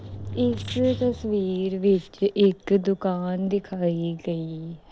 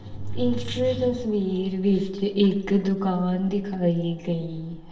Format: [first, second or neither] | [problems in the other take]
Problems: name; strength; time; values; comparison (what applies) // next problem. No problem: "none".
first | room echo; dies away in 0.8 s